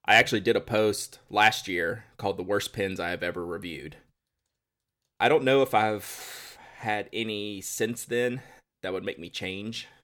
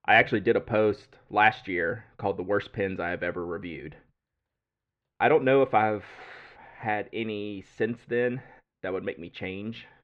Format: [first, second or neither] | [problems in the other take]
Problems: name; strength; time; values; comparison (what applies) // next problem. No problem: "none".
first | muffled; very; fading above 2.5 kHz